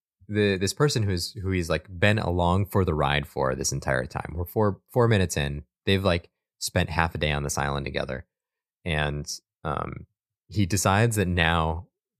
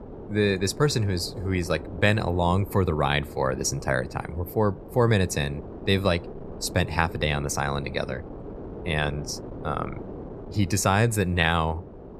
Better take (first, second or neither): first